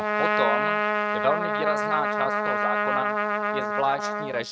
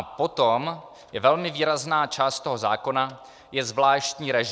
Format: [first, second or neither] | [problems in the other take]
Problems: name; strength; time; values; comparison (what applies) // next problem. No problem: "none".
second | noise reduction (neural mask model RNNoise)